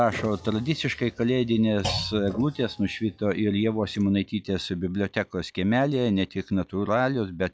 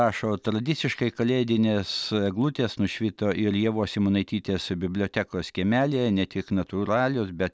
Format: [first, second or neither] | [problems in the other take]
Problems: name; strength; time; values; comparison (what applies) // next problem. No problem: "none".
second | noise reduction (classical method log-MMSE)